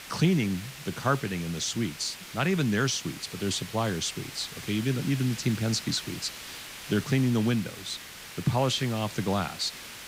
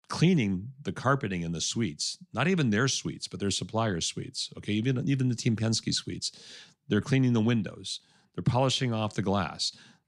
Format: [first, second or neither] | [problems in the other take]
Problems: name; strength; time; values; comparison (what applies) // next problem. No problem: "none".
second | hiss; noticeable; throughout; 10 dB below the speech